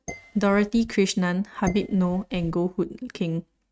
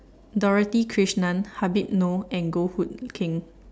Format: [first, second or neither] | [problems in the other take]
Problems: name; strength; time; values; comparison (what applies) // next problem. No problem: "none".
second | noise reduction (neural mask model RNNoise)